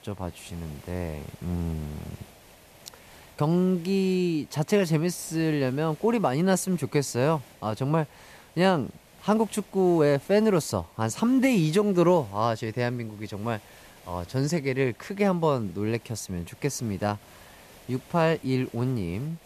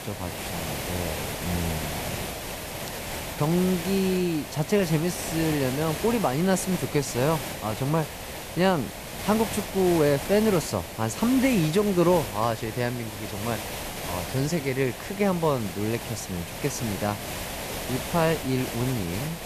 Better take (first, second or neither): first